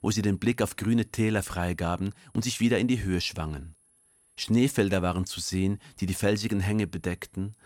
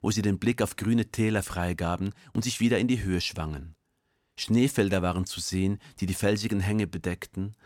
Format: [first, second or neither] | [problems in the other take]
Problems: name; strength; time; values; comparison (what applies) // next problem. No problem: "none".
second | high-pitched whine; faint; throughout; 10.5 kHz, 35 dB below the speech